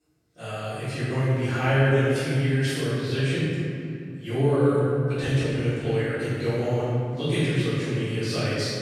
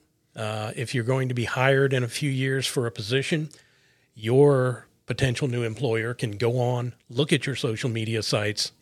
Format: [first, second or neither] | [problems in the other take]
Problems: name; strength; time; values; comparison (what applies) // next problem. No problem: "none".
second | room echo; strong; dies away in 2.9 s // off-mic speech; far